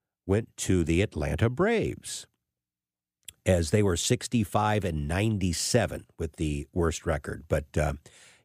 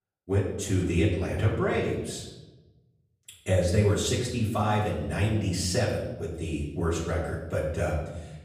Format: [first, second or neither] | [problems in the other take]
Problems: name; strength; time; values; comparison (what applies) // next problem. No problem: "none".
first | off-mic speech; far // room echo; noticeable; dies away in 0.9 s